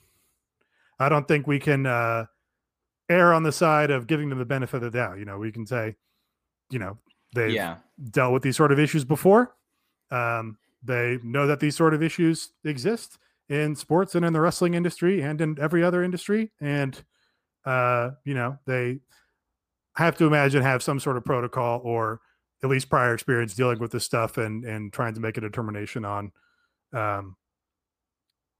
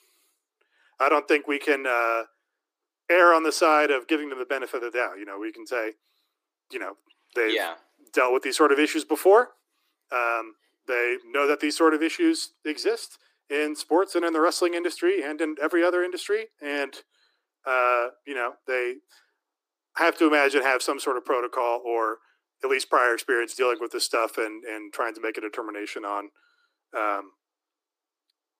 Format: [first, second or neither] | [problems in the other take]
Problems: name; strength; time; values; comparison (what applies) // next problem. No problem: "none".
first | thin; very; fading below 300 Hz